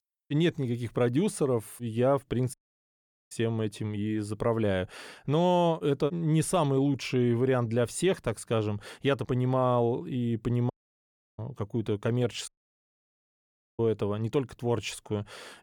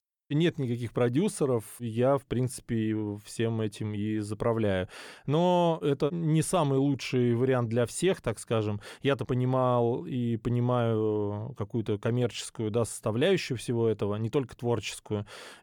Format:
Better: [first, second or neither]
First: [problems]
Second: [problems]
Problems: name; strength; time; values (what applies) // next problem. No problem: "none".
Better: second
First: audio cutting out; at 2.5 s for 1 s, at 11 s for 0.5 s and at 12 s for 1.5 s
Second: none